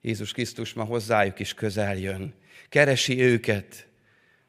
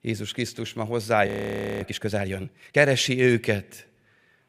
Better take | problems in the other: first | audio freezing; at 1.5 s for 0.5 s

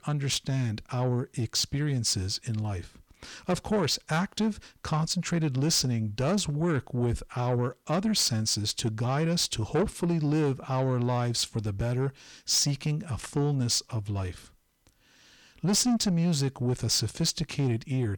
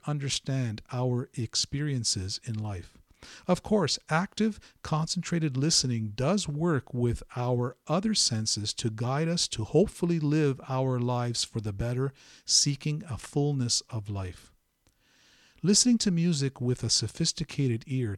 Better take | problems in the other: second | distortion; slight; 10 dB below the speech

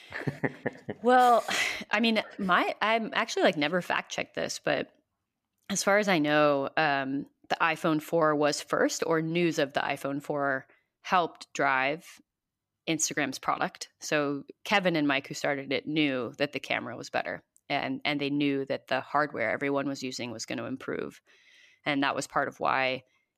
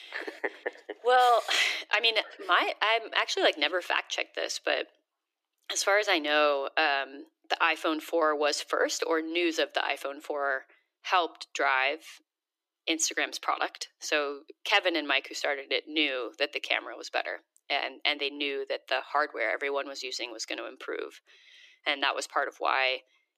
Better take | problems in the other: first | thin; somewhat; fading below 300 Hz

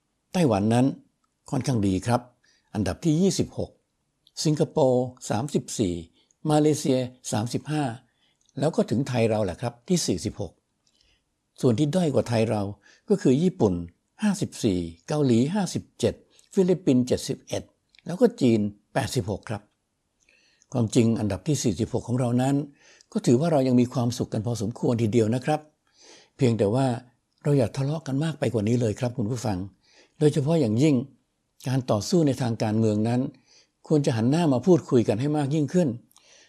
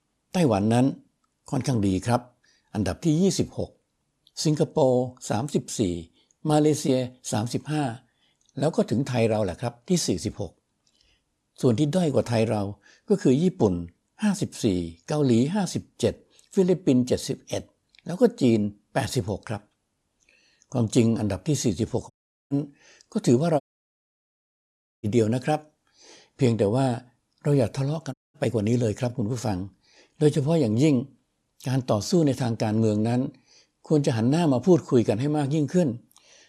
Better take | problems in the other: first | audio cutting out; at 22 s, at 24 s for 1.5 s and at 28 s

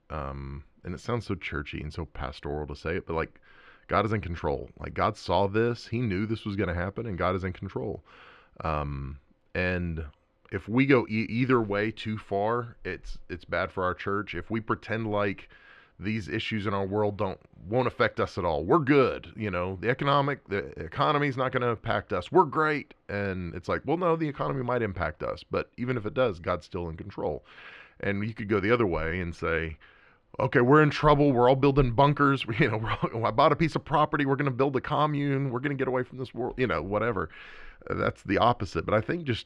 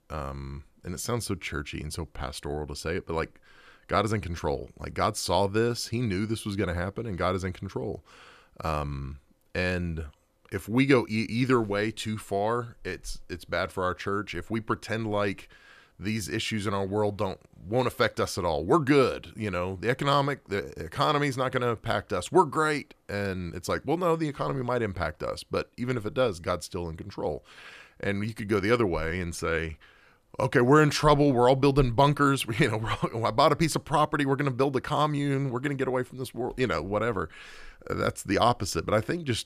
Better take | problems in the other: second | muffled; slightly; fading above 2.5 kHz

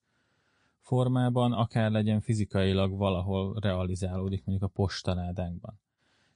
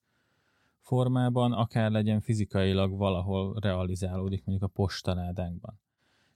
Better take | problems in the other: second | garbled, watery; slightly; nothing above 10 kHz

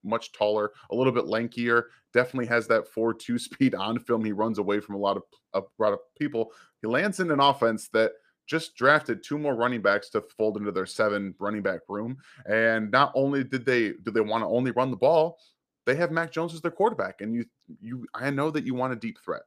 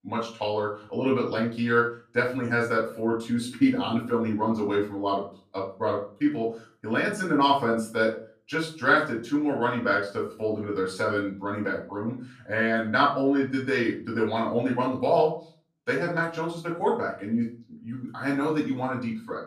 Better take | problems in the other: first | off-mic speech; far // room echo; slight; dies away in 0.3 s

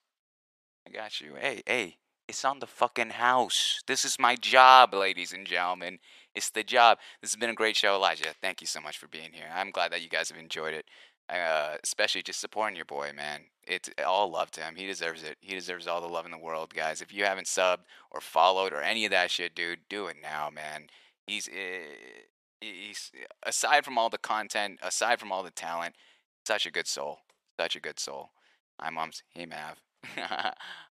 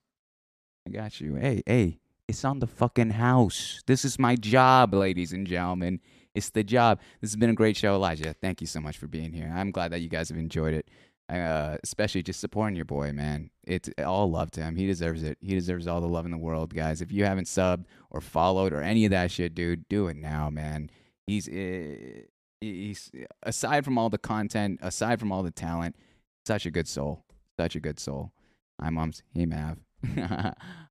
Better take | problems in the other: second | thin; very; fading below 800 Hz

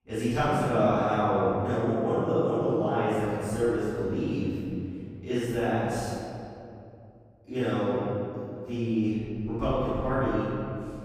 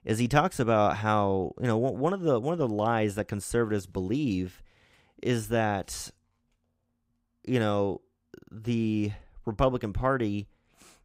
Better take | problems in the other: second | off-mic speech; far // room echo; strong; dies away in 2.5 s

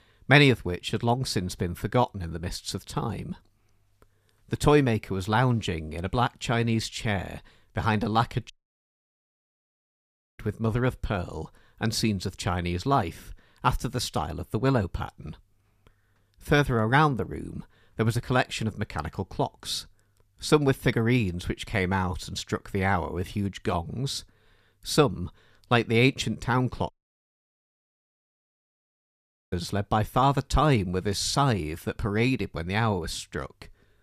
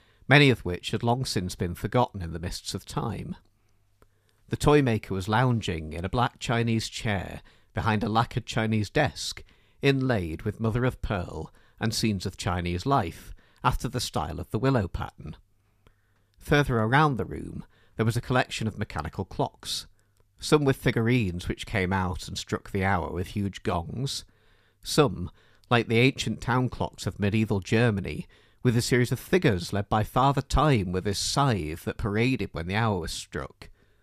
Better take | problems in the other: second | audio cutting out; at 8.5 s for 2 s and at 27 s for 2.5 s

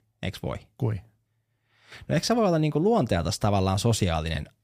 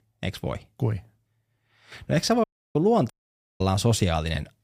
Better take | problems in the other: first | audio cutting out; at 2.5 s and at 3 s for 0.5 s

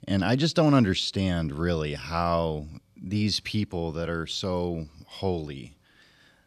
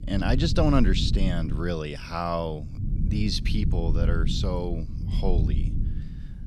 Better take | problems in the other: first | low rumble; noticeable; throughout; 10 dB below the speech

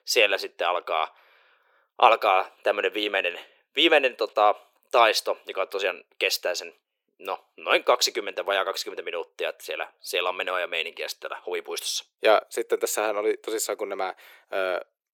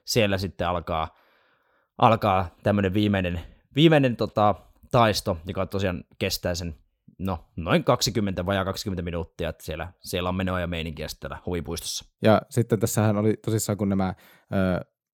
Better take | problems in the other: second | thin; very; fading below 400 Hz

